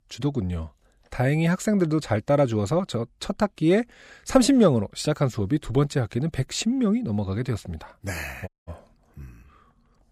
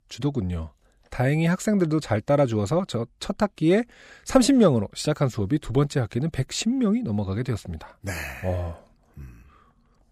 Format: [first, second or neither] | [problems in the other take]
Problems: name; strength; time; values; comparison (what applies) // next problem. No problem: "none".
second | audio cutting out; at 8.5 s